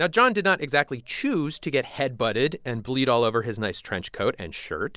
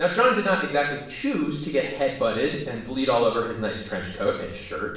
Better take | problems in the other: first | room echo; dies away in 0.6 s

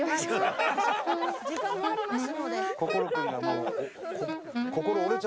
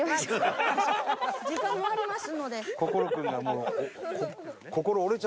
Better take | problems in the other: second | background sound (Wind instrument, woodwind instrument); 4 dB below the speech

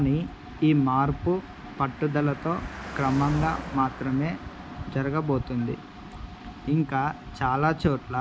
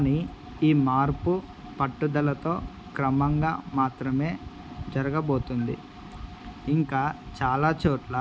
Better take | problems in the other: second | background sound (Car passing by); 16 dB below the speech

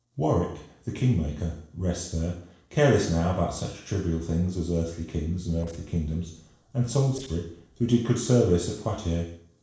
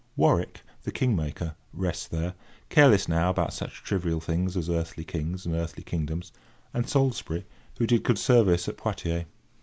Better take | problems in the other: second | noise reduction (neural separator model SepFormer DNS4)

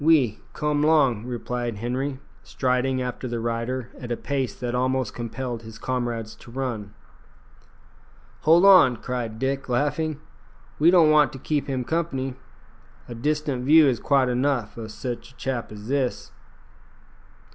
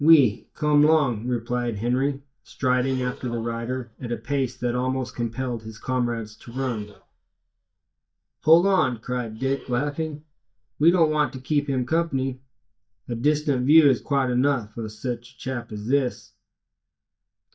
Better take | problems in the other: first | noise reduction (neural mask model DeepFilterNet 3)

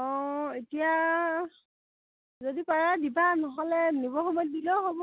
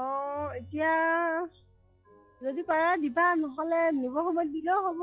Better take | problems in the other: first | noise reduction (classical method log-MMSE)

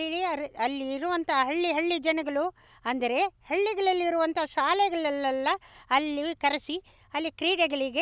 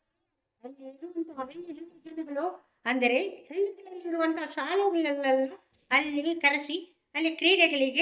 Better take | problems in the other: first | noise reduction (neural mask model DeepFilterNet 3)

